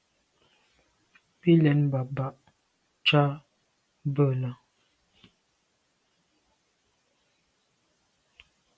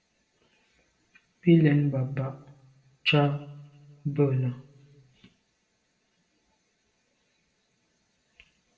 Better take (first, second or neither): first